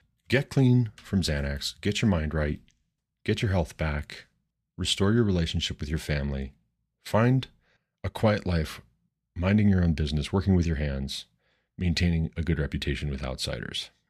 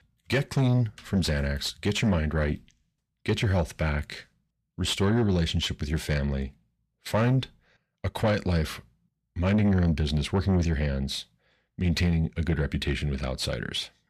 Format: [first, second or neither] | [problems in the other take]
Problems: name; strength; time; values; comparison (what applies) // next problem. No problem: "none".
first | distortion; slight; 10 dB below the speech